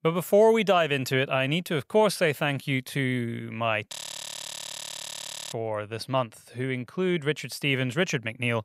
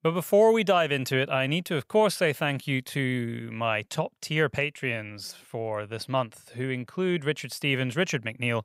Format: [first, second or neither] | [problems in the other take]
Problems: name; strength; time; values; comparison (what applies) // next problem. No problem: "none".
second | audio freezing; at 4 s for 1.5 s